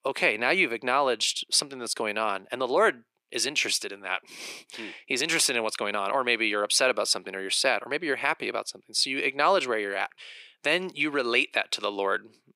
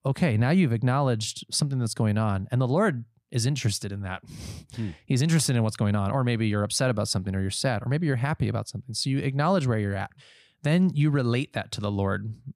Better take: second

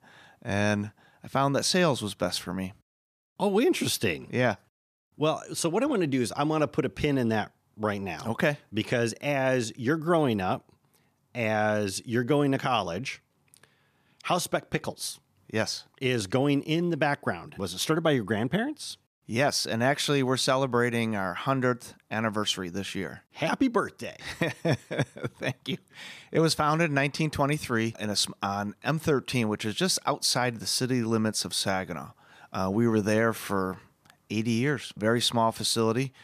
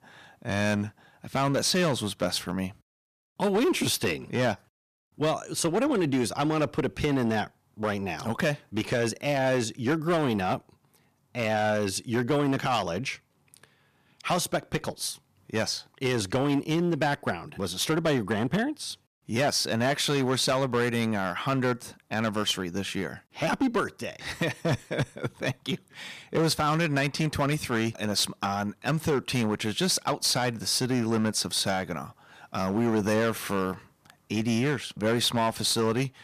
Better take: first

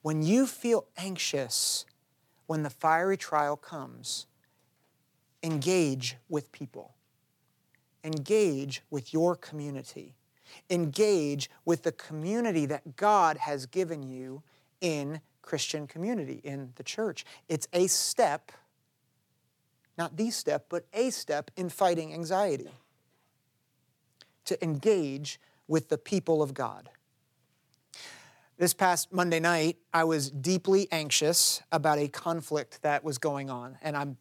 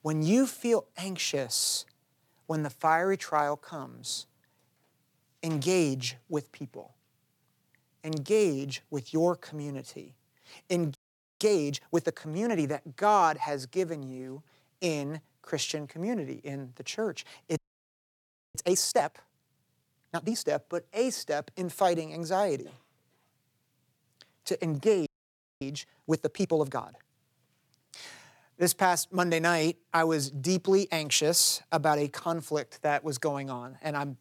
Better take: first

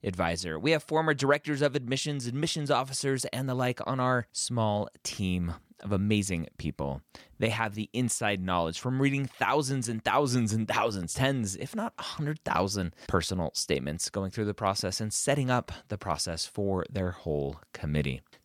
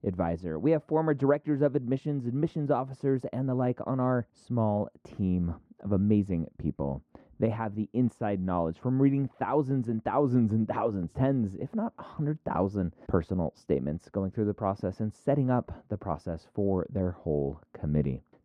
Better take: first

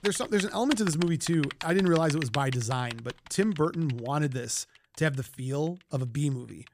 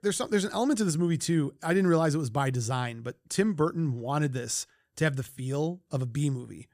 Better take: second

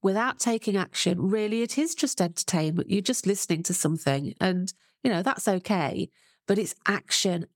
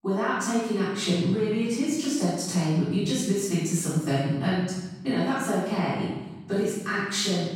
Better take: first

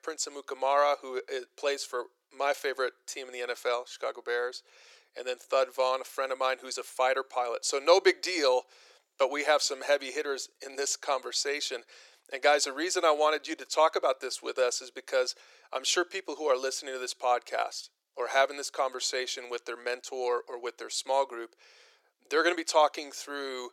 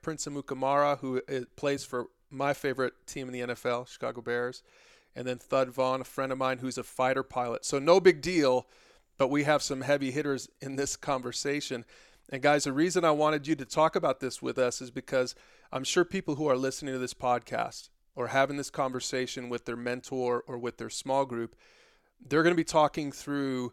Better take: second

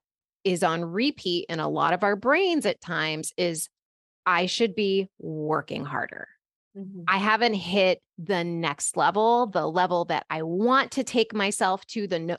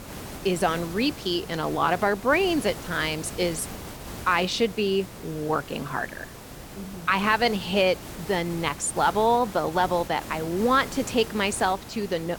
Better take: first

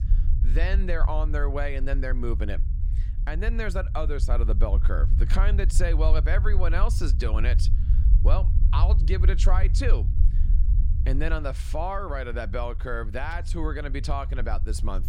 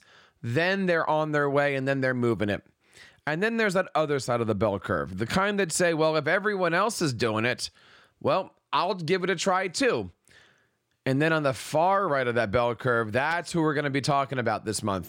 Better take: second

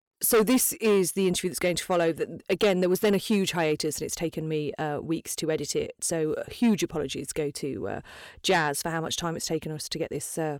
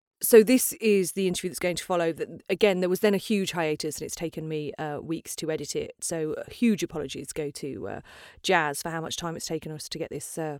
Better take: second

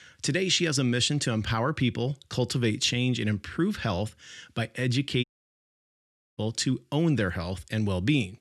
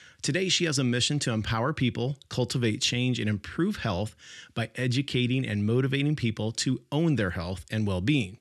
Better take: second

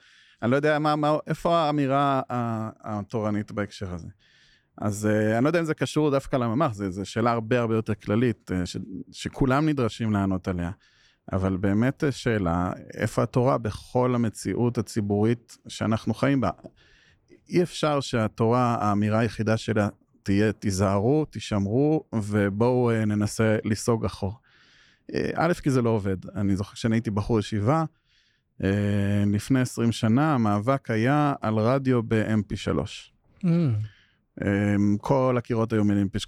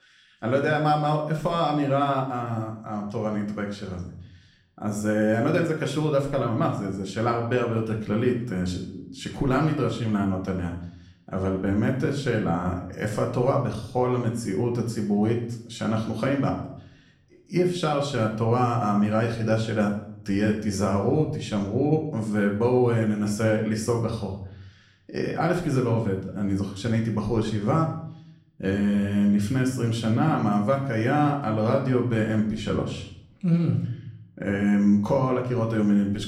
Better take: first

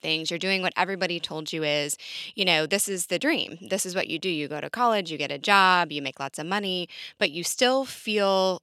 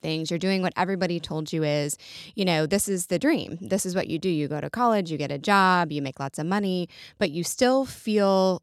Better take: second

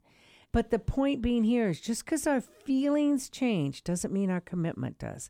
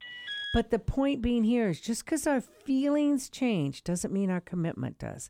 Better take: first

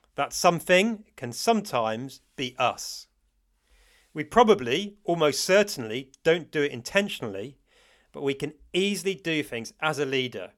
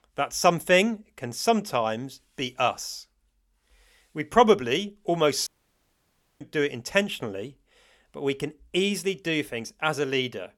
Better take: first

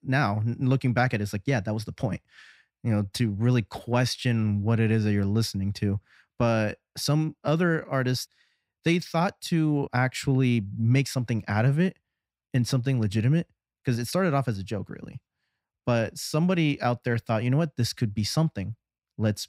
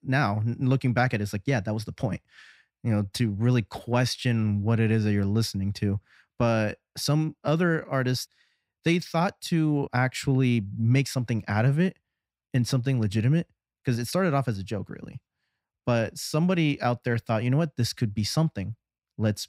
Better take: neither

